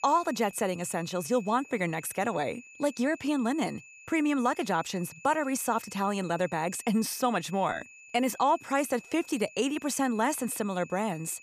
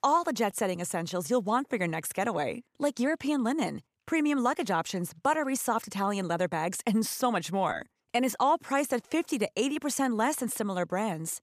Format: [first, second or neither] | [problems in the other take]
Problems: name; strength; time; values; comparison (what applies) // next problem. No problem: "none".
second | high-pitched whine; noticeable; throughout; 2.5 kHz, 20 dB below the speech